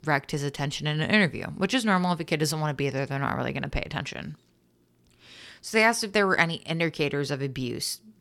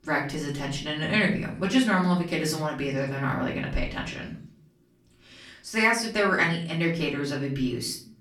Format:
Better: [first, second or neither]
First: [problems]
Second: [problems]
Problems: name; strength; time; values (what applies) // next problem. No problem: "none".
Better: first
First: none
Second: off-mic speech; far // room echo; slight; dies away in 0.4 s